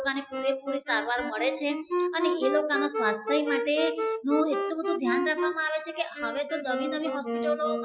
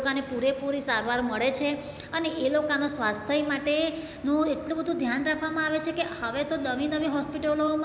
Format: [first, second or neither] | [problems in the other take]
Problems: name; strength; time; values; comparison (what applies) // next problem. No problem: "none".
second | noise reduction (classical method Wiener filter)